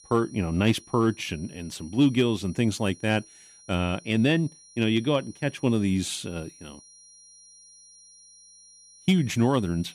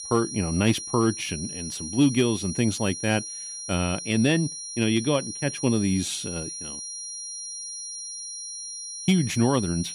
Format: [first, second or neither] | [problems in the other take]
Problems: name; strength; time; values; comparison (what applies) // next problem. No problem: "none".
first | high-pitched whine; loud; throughout; 5.5 kHz, 8 dB below the speech; faint in the first